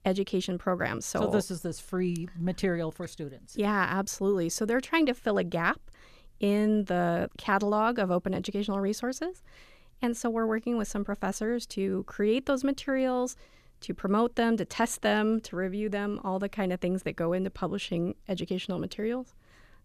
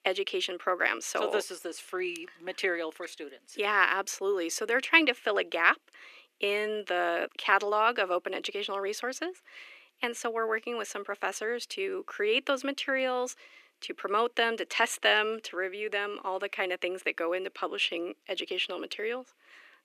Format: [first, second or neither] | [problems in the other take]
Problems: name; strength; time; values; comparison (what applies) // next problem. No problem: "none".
first | thin; very; fading below 300 Hz